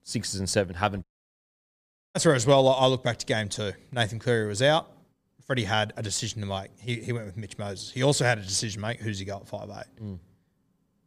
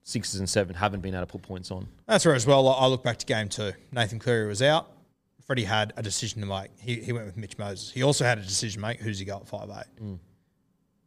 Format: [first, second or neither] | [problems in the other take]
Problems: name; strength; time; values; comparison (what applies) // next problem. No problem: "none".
second | audio cutting out; at 1 s for 1 s